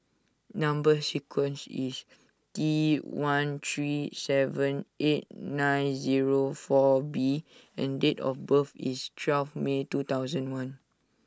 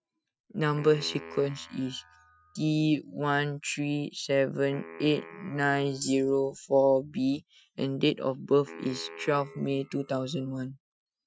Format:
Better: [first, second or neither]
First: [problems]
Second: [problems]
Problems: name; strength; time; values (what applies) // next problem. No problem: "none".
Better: first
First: none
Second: noise reduction (classical method Wiener filter)